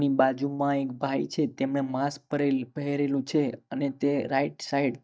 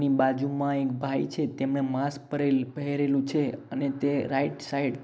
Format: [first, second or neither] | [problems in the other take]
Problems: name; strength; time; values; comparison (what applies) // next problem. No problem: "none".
second | noise reduction (neural mask model DeepFilterNet 3)